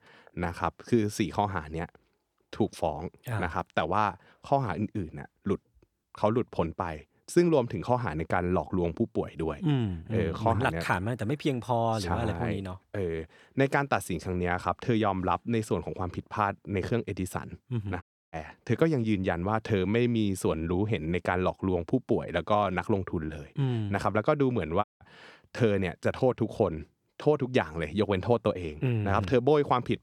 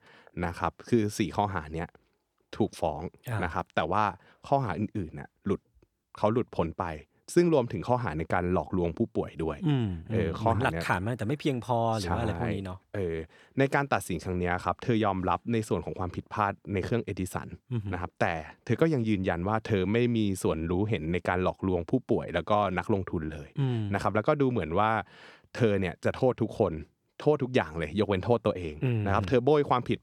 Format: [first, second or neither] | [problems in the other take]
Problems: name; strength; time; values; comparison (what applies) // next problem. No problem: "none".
second | audio cutting out; at 18 s and at 25 s